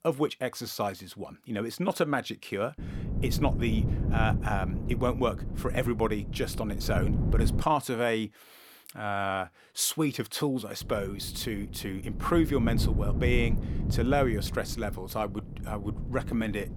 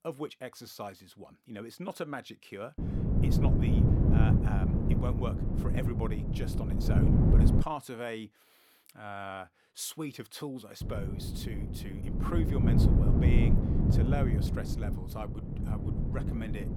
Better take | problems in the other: first | wind noise on the microphone; heavy; from 3 to 7.5 s and from 11 s on; 2 dB above the speech; occasional gusts in the first

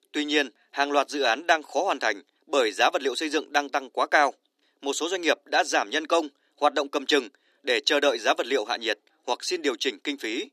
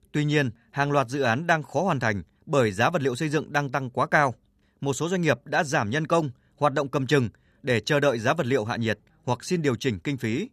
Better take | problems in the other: second | thin; somewhat; fading below 300 Hz

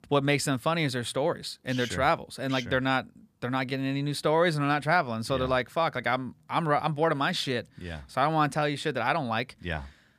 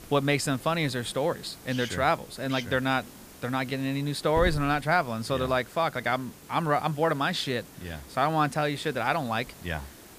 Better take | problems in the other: first | hiss; noticeable; throughout; 20 dB below the speech

